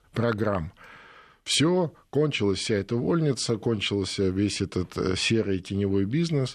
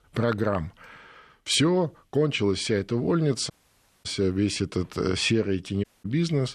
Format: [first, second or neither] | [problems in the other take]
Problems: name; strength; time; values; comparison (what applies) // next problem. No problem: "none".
first | audio cutting out; at 3.5 s for 0.5 s and at 6 s